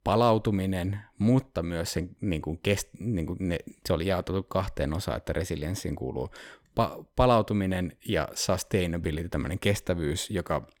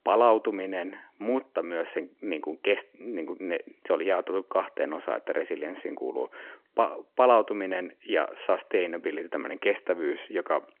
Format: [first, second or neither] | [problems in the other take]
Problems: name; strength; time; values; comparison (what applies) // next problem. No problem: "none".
first | phone-call audio